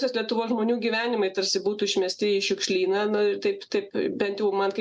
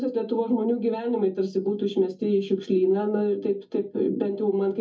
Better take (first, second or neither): first